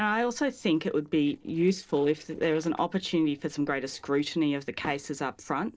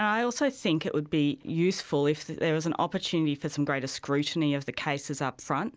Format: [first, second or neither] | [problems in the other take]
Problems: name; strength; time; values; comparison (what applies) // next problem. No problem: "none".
second | noise reduction (neural separator model SepFormer DNS4)